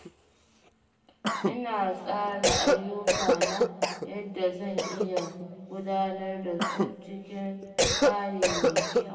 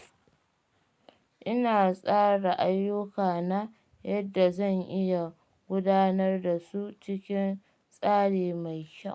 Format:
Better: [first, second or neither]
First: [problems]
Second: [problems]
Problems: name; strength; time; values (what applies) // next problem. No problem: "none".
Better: second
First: background sound (Cough); 4 dB above the speech // room echo; dies away in 2.2 s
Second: none